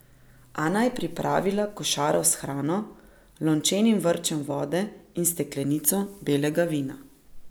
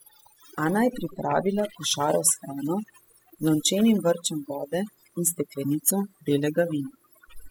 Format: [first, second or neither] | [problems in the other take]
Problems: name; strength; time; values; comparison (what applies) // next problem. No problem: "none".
first | noise reduction (classical method spectral subtraction)